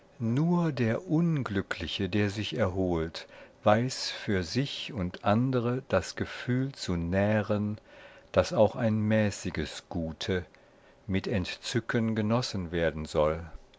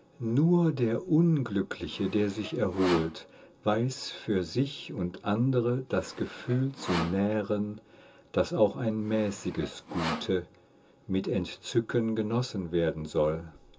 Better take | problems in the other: first | background sound (Sawing); 12 dB below the speech // room echo; dies away in 0.2 s

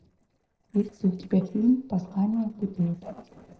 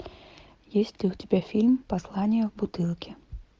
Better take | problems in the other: second | noise reduction (neural separator model SepFormer DNS4)

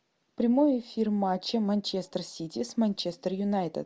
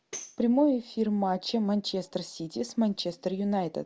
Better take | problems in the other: first | background sound (Tambourine); 19 dB below the speech

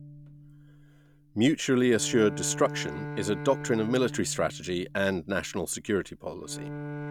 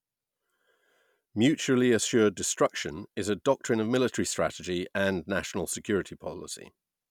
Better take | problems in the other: second | background sound (Bowed string instrument); 11 dB below the speech

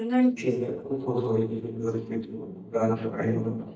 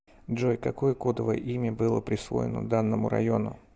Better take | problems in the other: second | noise reduction (neural mask model DeepFilterNet 3)

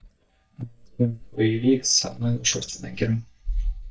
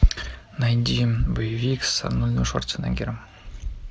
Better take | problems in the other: second | noise reduction (neural mask model DeepFilterNet 3)

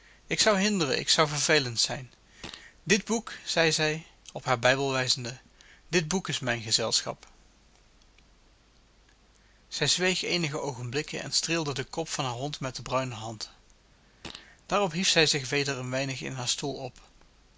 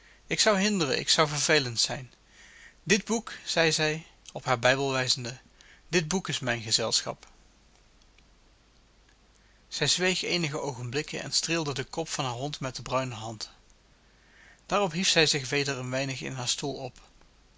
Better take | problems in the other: second | background sound (Fart); 19 dB below the speech

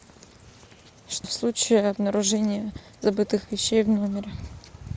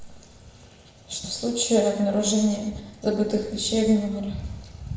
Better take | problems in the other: first | room echo; dies away in 0.9 s

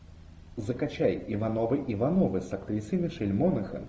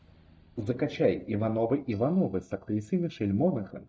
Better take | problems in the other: first | noise reduction (neural mask model DeepFilterNet 3)

